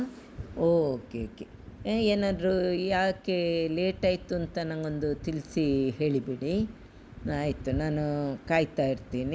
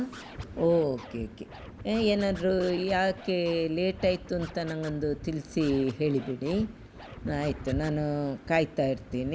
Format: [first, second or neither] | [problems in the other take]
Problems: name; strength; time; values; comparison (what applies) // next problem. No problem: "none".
first | background sound (Scratching (performance technique)); 19 dB below the speech